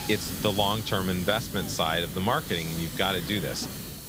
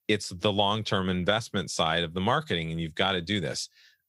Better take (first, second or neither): second